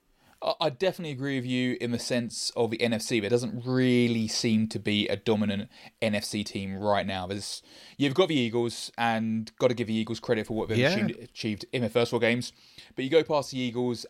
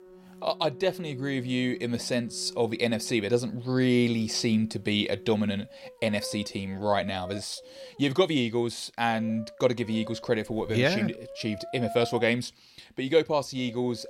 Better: first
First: none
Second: background music; noticeable; throughout; 15 dB below the speech

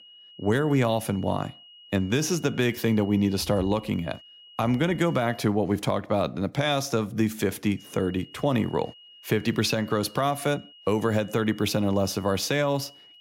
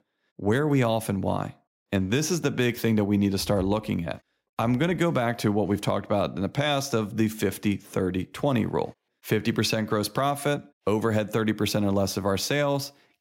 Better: second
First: high-pitched whine; faint; until 5.5 s and from 8 s on; 3 kHz, 20 dB below the speech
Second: none

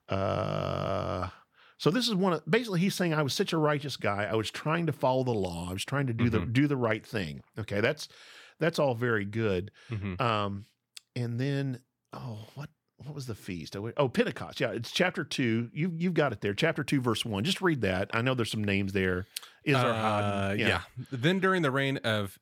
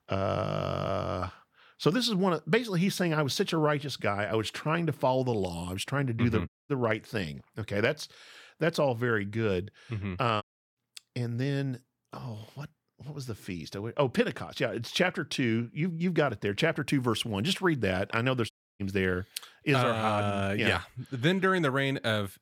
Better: first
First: none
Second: audio cutting out; at 6.5 s, at 10 s and at 19 s

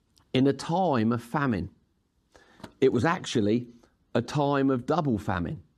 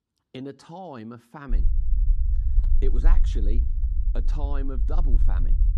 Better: first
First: none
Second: low rumble; loud; from 1.5 s on; 9 dB below the speech

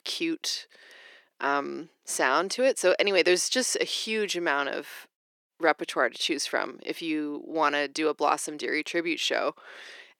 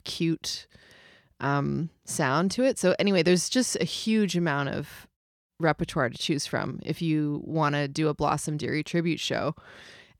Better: second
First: thin; somewhat; fading below 350 Hz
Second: none

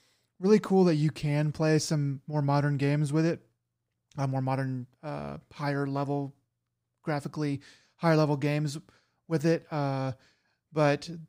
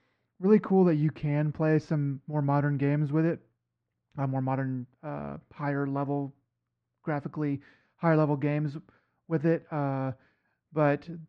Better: first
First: none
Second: muffled; very; fading above 2 kHz

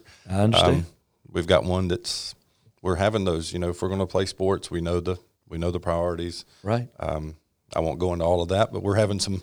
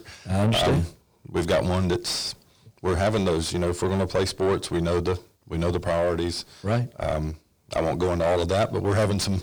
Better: first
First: none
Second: distortion; heavy; 5 dB below the speech

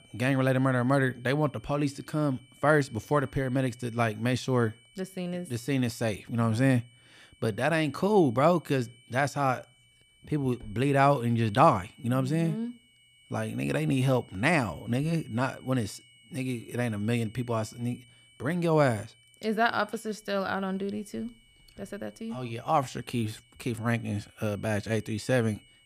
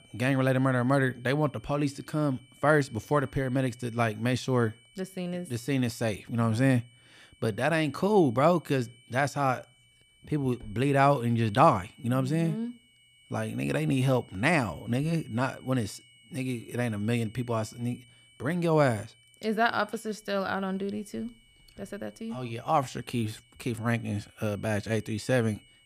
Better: neither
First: high-pitched whine; faint; throughout; 3 kHz, 30 dB below the speech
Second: high-pitched whine; faint; throughout; 3 kHz, 30 dB below the speech

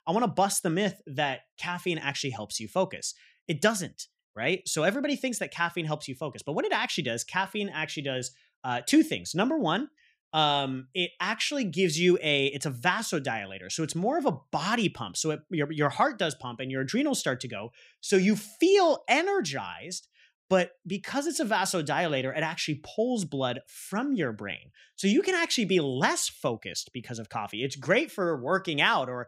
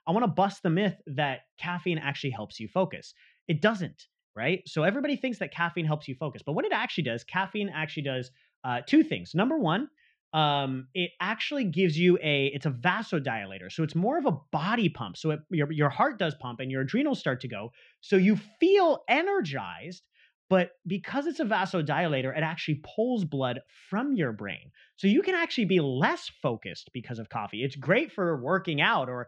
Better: first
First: none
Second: muffled; slightly; fading above 3.5 kHz

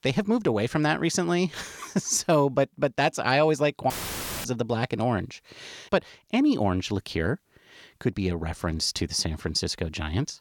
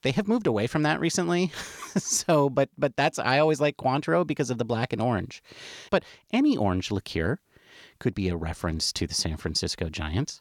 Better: second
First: audio cutting out; filled with static; at 4 s for 0.5 s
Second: none

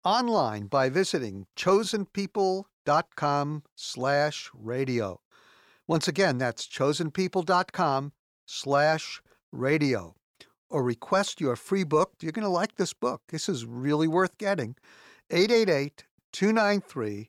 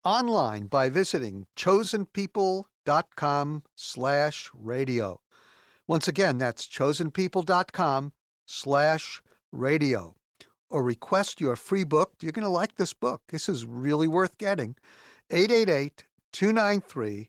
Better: first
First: none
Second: garbled, watery; slightly

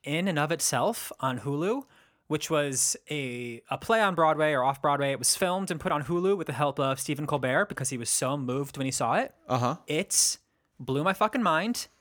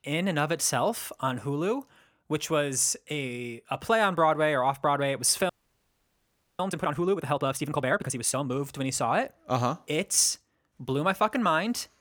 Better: first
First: none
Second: audio freezing; at 5.5 s for 1 s

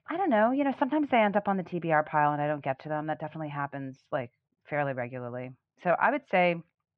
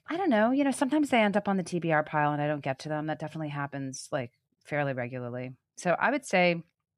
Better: second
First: muffled; very; fading above 3 kHz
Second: none

